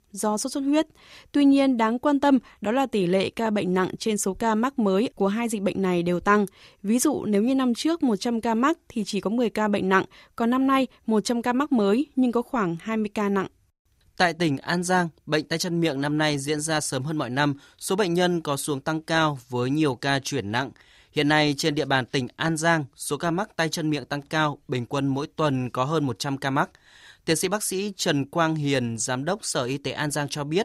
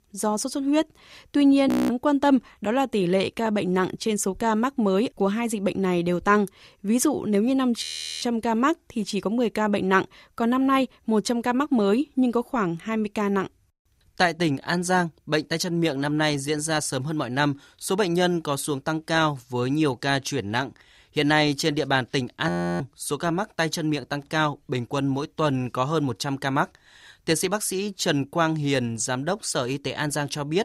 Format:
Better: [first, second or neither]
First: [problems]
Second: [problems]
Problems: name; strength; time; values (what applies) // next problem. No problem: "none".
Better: first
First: none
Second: audio freezing; at 1.5 s, at 8 s and at 22 s